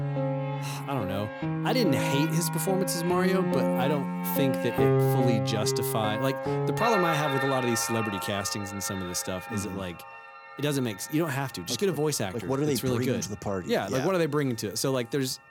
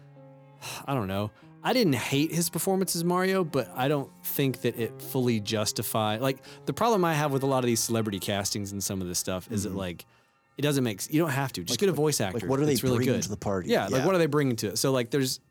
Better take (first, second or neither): second